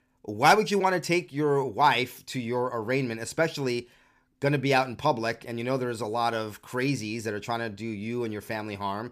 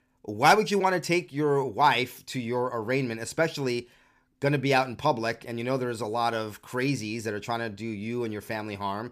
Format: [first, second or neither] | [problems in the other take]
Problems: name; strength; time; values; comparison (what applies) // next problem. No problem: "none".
neither | none